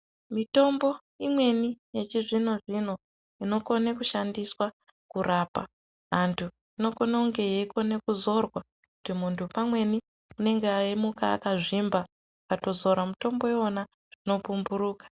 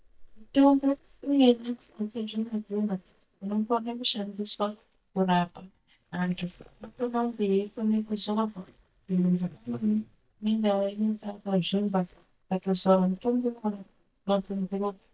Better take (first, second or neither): first